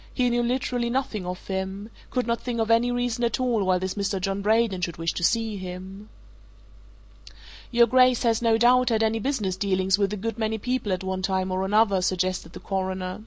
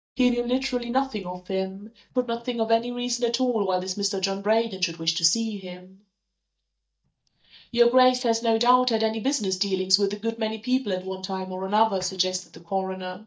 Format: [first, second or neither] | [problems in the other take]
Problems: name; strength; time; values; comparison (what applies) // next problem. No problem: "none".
first | noise reduction (neural mask model DeepFilterNet 3)